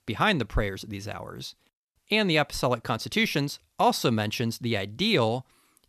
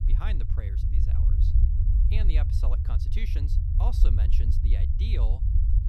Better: first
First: none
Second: low rumble; loud; throughout; 1 dB below the speech

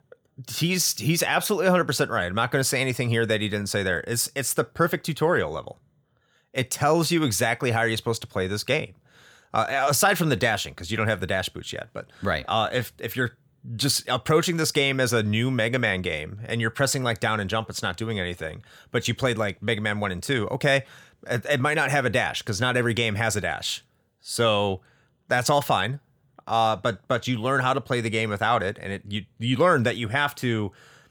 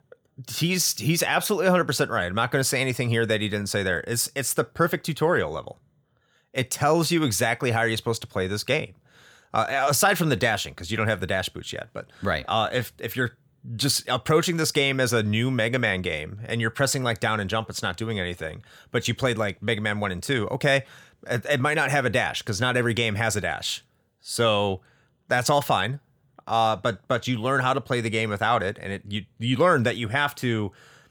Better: neither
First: none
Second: none

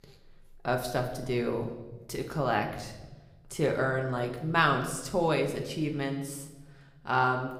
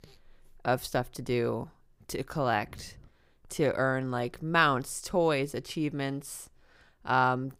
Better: second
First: room echo; slight; dies away in 0.9 s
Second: none

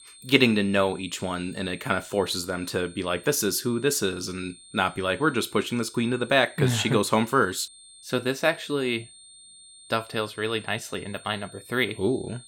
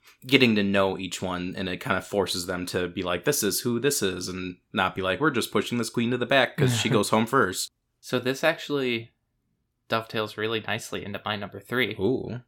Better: second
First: high-pitched whine; faint; throughout; 8.5 kHz, 20 dB below the speech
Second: none

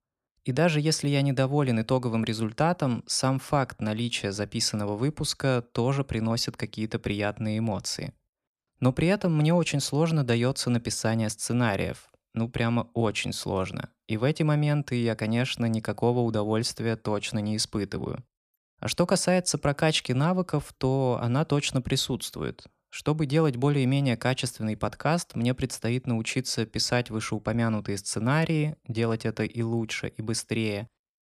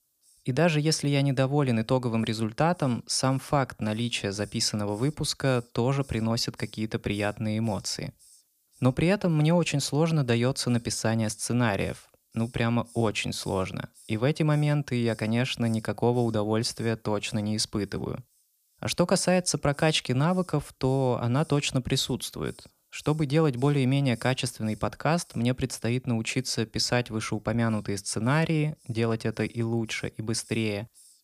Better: first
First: none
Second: hiss; faint; throughout; 30 dB below the speech

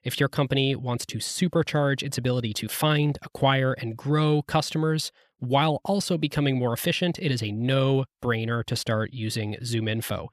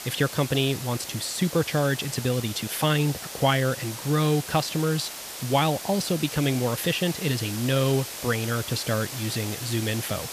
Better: first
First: none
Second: hiss; loud; throughout; 8 dB below the speech

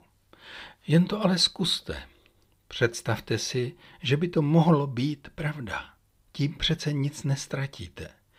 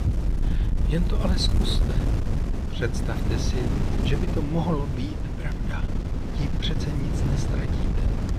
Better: first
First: none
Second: wind noise on the microphone; heavy; 3 dB below the speech

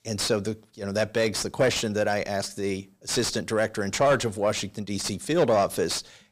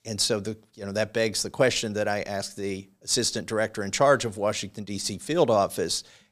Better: second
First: distortion; slight; 10 dB below the speech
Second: none

